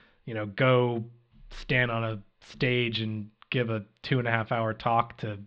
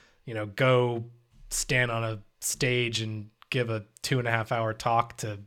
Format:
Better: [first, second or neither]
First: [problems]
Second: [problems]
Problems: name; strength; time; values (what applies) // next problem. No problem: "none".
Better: second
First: muffled; slightly; fading above 4 kHz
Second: none